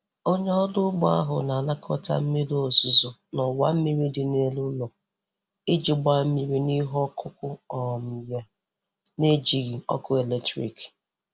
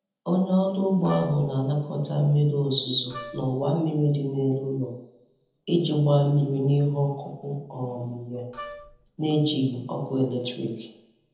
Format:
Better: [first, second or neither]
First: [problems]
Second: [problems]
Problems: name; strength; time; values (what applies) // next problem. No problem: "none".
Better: first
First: none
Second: background sound (Wind instrument, woodwind instrument); 16 dB below the speech // room echo; dies away in 0.8 s